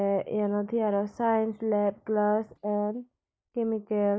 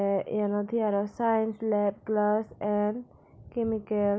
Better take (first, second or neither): second